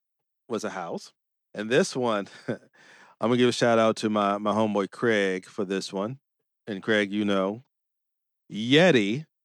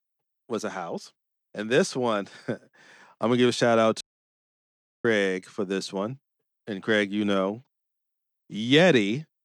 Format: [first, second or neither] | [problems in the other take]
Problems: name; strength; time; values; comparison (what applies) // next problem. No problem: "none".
first | audio cutting out; at 4 s for 1 s